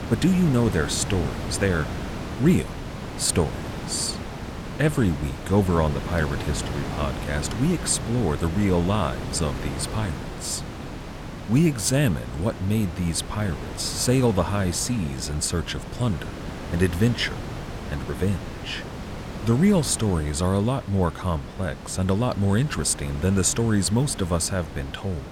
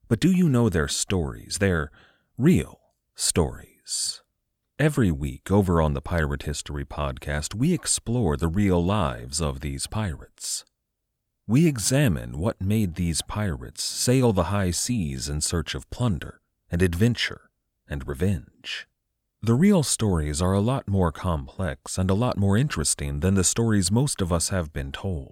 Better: second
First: wind noise on the microphone; heavy; 9 dB below the speech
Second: none

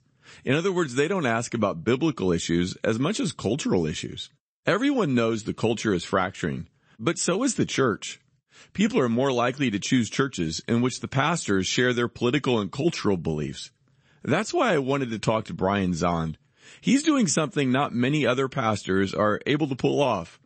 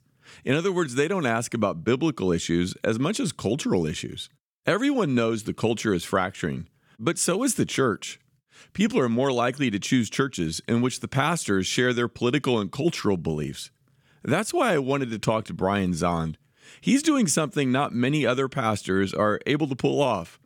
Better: second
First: garbled, watery; slightly; nothing above 8 kHz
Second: none

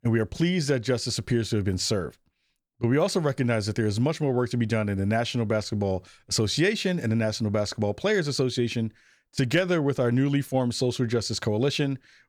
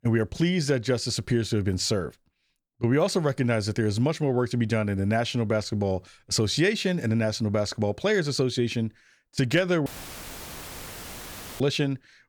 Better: first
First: none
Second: audio cutting out; filled with static; at 10 s for 1.5 s

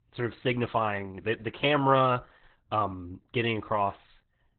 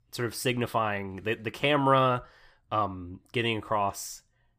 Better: second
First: garbled, watery; badly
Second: none

